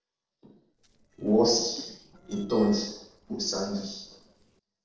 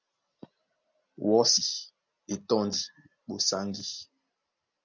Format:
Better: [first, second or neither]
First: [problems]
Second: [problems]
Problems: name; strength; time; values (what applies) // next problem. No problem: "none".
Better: second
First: noise reduction (neural separator model SepFormer DNS4)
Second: none